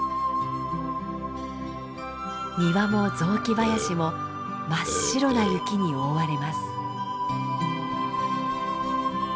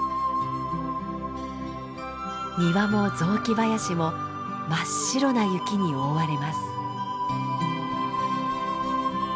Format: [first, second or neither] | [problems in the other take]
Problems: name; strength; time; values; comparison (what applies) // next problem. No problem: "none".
second | background sound (Burping, eructation); 4 dB below the speech